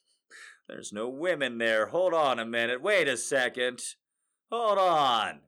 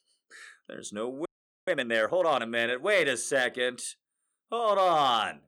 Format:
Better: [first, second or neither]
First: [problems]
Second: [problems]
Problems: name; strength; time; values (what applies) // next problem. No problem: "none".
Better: first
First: none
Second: audio freezing; at 1.5 s